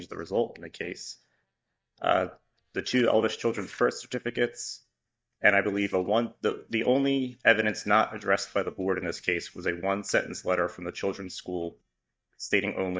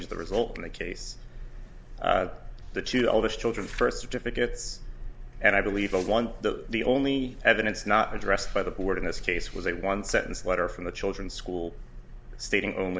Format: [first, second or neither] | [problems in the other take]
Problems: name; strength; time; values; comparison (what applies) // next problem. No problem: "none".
second | noise reduction (neural mask model DeepFilterNet 3)